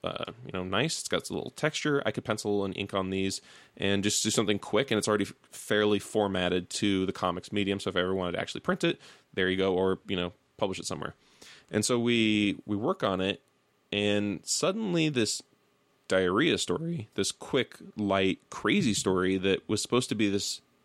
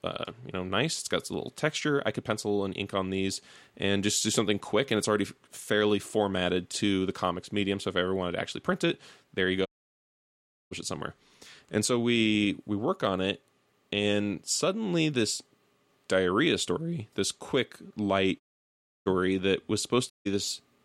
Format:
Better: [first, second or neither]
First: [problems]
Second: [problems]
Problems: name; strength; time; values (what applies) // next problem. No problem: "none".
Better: first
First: none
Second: audio cutting out; at 9.5 s for 1 s, at 18 s for 0.5 s and at 20 s